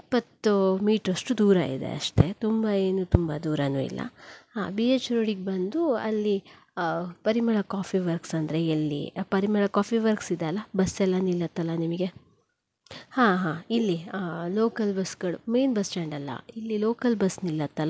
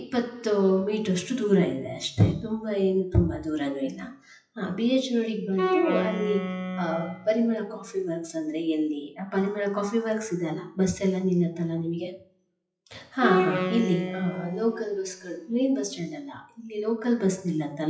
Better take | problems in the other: first | noise reduction (classical method WPE with log-MMSE)

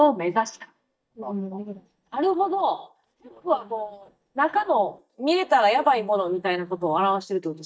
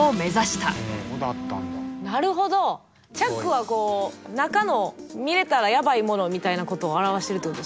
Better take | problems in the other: second | noise reduction (neural mask model DeepFilterNet 3)

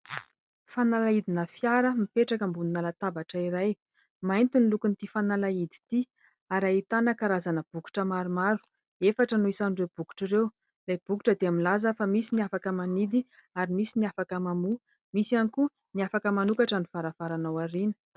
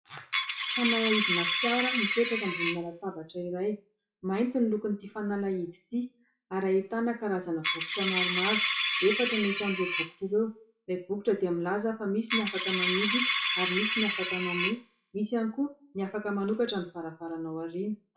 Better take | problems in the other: first | noise reduction (classical method WPE with log-MMSE)

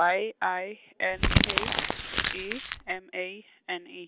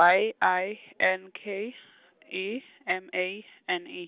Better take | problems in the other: second | background sound (Crumpling, crinkling); 4 dB above the speech

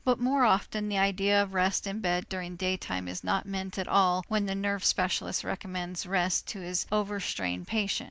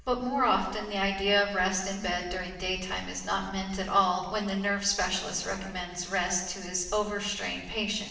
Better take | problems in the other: first | room echo; dies away in 1 s

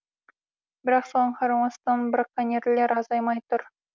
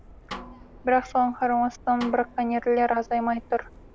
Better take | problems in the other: first | background sound (Snare drum + Subway, metro, underground); 18 dB below the speech

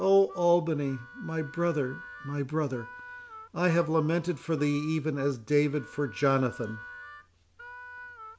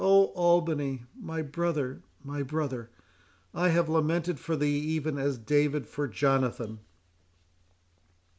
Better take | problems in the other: second | background sound (Harmonica); 18 dB below the speech

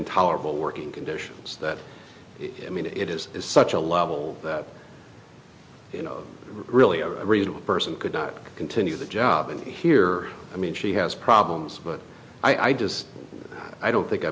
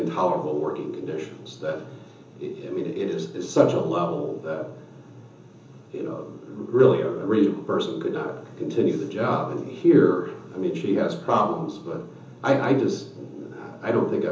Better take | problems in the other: first | room echo; dies away in 0.7 s

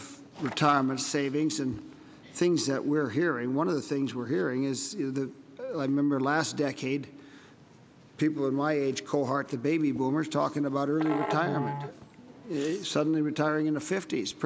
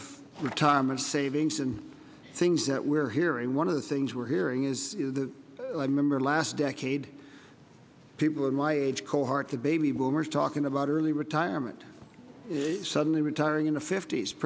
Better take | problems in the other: second | background sound (Musical instrument); 8 dB below the speech

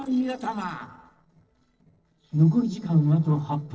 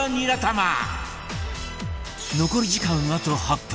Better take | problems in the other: second | noise reduction (neural separator model SepFormer DNS4)

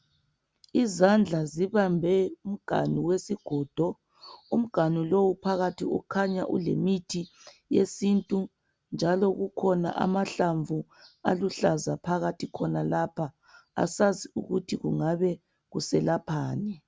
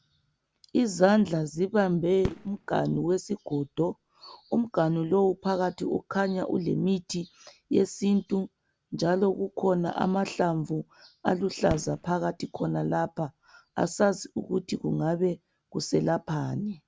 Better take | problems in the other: first | background sound (Fireworks); 18 dB below the speech

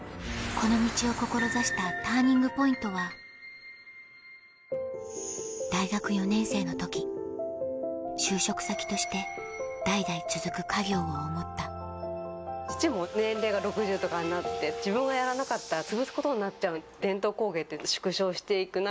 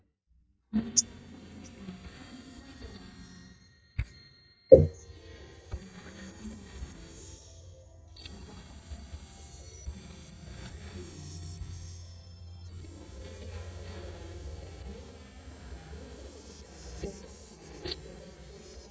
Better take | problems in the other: first | noise reduction (neural mask model DeepFilterNet 3)

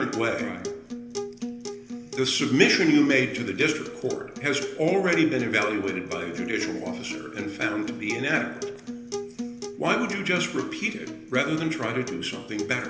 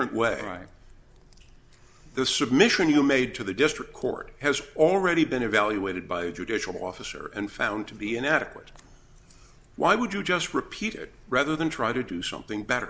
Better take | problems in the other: second | background sound (Acoustic guitar); 9 dB below the speech // room echo; dies away in 0.8 s

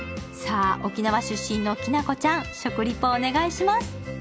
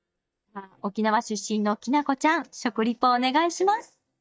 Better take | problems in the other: first | noise reduction (neural mask model DeepFilterNet 3)

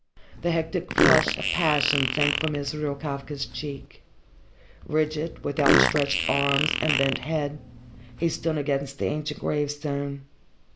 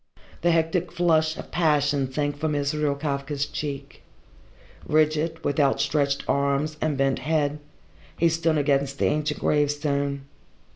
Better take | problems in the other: second | background sound (Fart); 1 dB above the speech

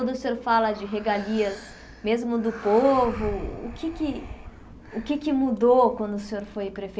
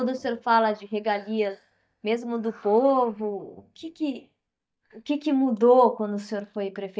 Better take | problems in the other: first | noise reduction (neural mask model DeepFilterNet 3)

